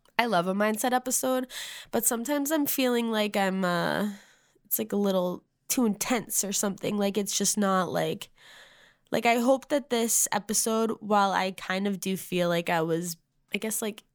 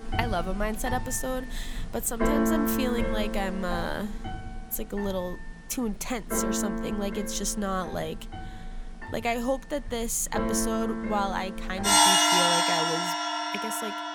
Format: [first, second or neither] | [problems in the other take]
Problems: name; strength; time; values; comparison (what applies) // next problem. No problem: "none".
first | background music; very loud; throughout; 5 dB above the speech